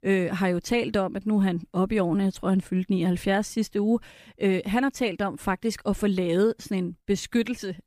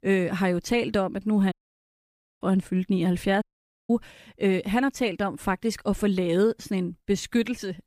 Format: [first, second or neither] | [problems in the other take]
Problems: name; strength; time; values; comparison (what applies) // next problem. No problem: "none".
first | audio cutting out; at 1.5 s for 1 s and at 3.5 s